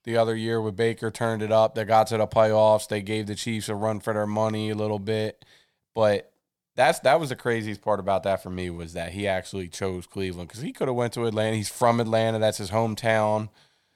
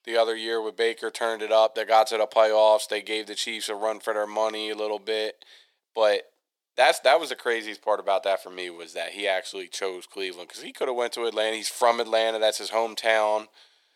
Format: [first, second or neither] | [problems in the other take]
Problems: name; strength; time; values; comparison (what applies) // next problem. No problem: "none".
first | thin; very; fading below 350 Hz